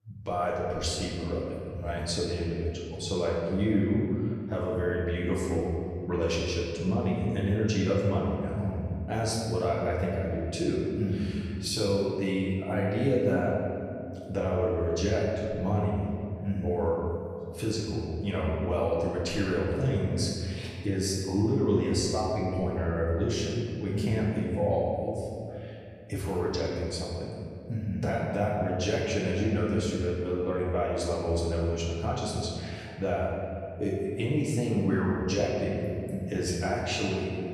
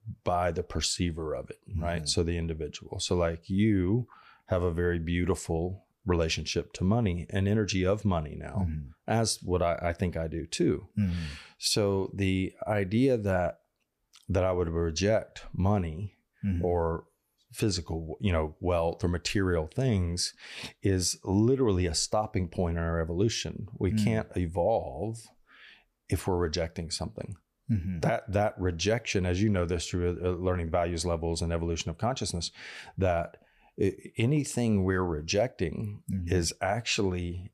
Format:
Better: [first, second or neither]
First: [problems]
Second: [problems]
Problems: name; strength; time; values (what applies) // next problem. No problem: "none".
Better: second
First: room echo; noticeable; dies away in 2.2 s // off-mic speech; far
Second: none